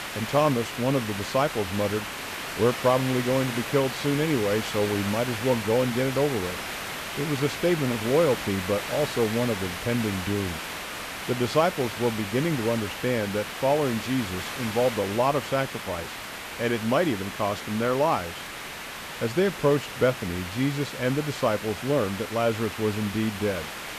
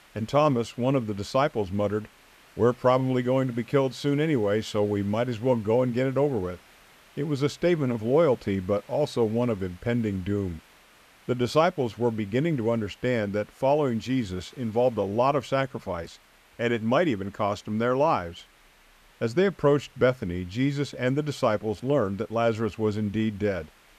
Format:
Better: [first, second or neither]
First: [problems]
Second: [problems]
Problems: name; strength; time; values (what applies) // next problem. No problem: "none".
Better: second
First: hiss; loud; throughout; 7 dB below the speech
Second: hiss; faint; throughout; 30 dB below the speech